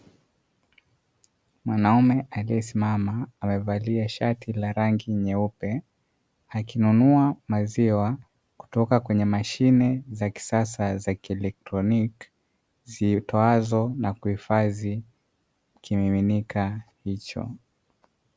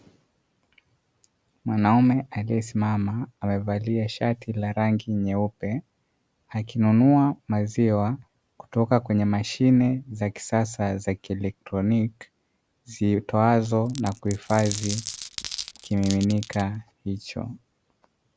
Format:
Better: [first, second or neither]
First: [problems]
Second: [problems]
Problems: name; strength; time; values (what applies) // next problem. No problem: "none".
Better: first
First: none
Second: background sound (Glass); 13 dB below the speech